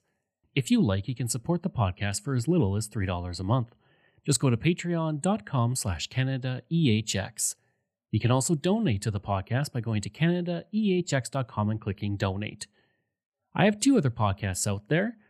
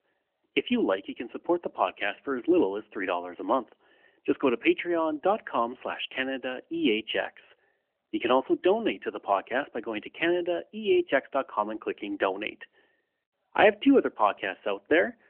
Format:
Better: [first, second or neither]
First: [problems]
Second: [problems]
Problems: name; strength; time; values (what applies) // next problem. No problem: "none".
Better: first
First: none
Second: phone-call audio; nothing above 3 kHz